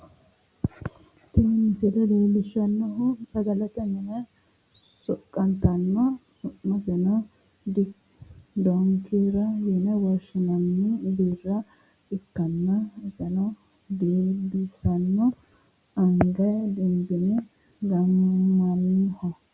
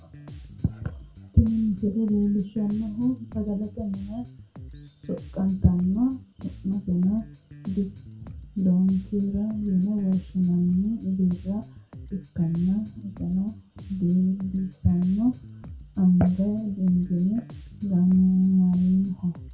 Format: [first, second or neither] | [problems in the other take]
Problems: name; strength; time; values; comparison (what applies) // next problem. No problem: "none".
first | background sound (Bass guitar); 18 dB below the speech // room echo; dies away in 0.2 s